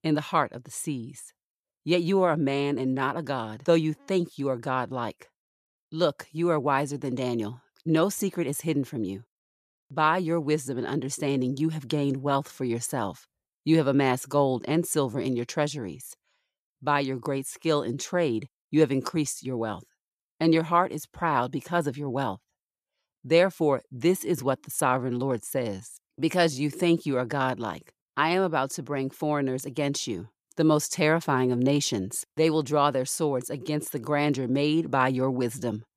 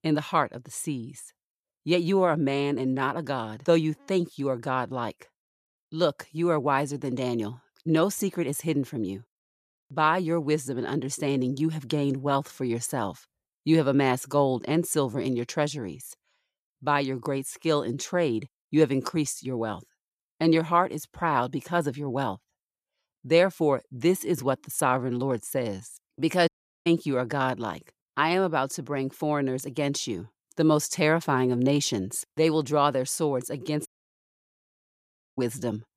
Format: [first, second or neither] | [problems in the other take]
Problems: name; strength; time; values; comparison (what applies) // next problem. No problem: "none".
first | audio cutting out; at 26 s and at 34 s for 1.5 s